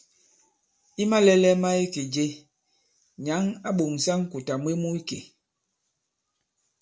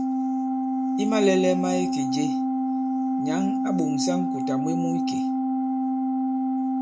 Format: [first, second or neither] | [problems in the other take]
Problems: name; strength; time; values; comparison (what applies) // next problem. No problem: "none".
first | background sound (Organ); 5 dB above the speech